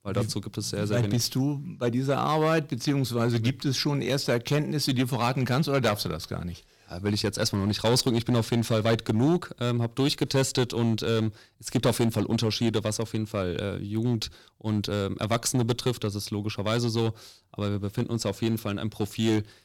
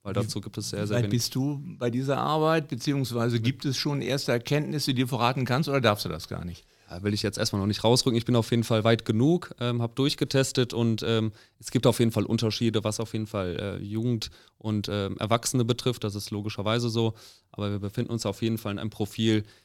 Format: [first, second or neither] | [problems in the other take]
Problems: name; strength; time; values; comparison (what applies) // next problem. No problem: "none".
second | distortion; slight; 4% of the sound clipped